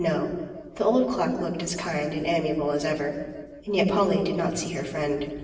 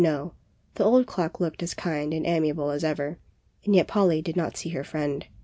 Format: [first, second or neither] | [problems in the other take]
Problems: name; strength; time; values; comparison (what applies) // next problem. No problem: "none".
second | room echo; dies away in 1.3 s